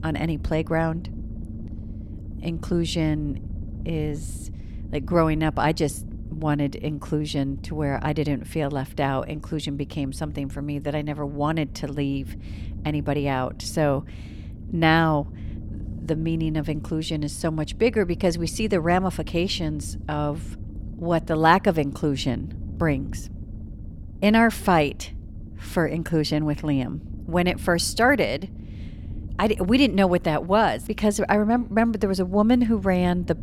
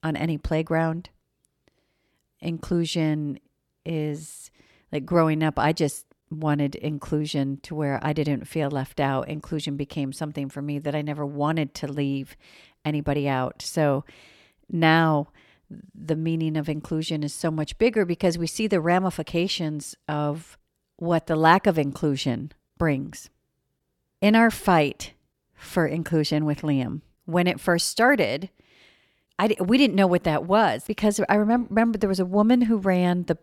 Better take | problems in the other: second | low rumble; faint; throughout; 25 dB below the speech

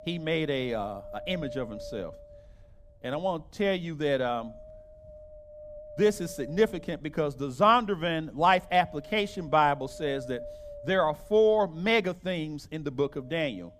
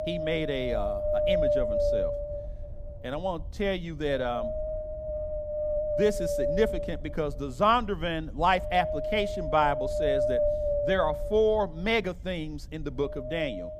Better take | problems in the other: first | wind noise on the microphone; heavy; 1 dB below the speech; occasional gusts in the first

